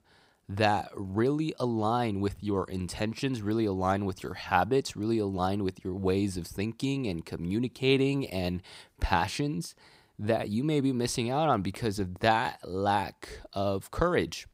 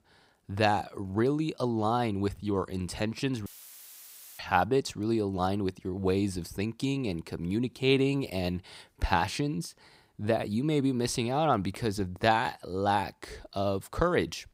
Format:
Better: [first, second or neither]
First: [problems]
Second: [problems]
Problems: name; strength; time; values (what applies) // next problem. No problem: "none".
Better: first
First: none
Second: audio cutting out; filled with static; at 3.5 s for 1 s